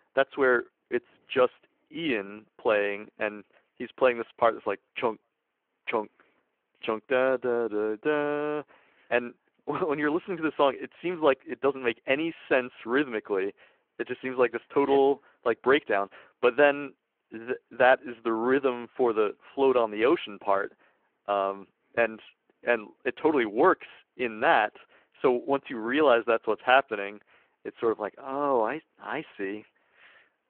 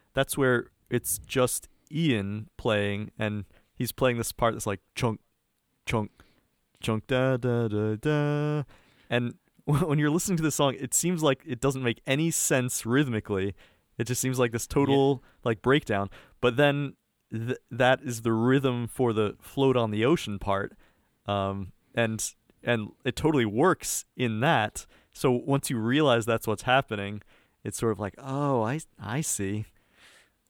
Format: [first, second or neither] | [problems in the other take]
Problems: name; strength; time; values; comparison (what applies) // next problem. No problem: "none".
second | phone-call audio